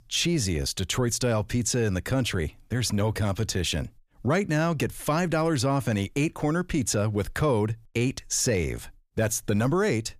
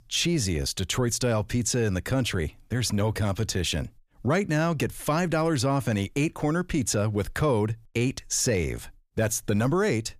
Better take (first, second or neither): neither